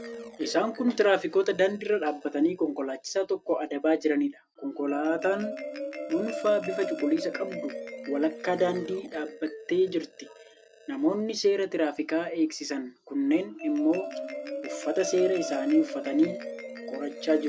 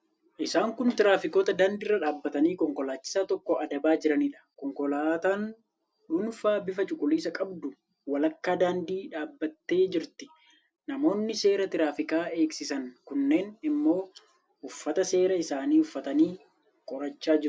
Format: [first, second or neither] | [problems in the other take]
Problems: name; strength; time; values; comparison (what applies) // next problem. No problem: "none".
second | background sound (Marimba, xylophone); 11 dB below the speech